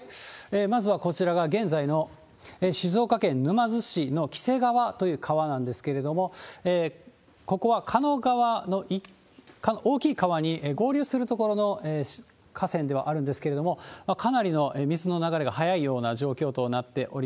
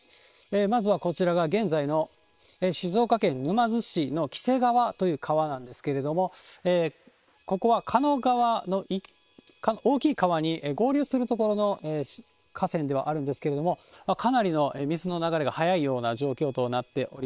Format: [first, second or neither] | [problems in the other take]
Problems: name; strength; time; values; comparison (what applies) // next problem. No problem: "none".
first | noise reduction (neural separator model SepFormer WHAM!)